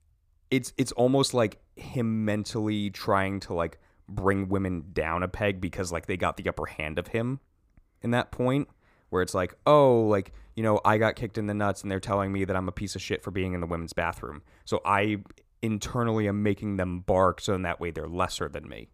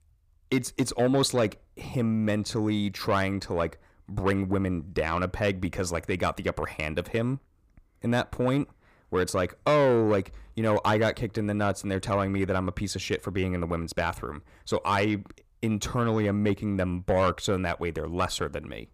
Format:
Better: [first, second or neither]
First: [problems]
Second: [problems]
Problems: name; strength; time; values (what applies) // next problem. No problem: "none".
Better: first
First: none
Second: distortion; slight; 10 dB below the speech